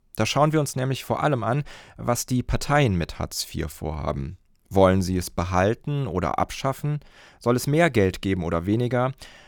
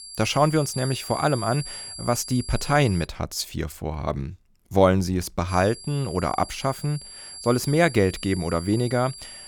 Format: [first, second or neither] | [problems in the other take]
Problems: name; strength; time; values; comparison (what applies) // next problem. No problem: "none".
first | high-pitched whine; noticeable; until 3 s and from 5.5 s on; 4.5 kHz, 10 dB below the speech